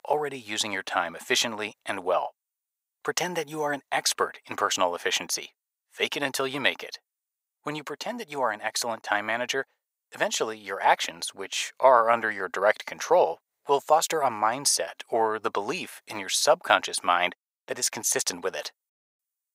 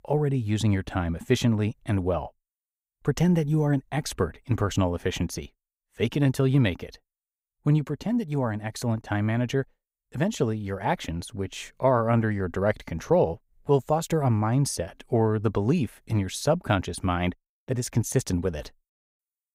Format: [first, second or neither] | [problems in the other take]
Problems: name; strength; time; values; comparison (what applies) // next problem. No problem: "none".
second | thin; very; fading below 800 Hz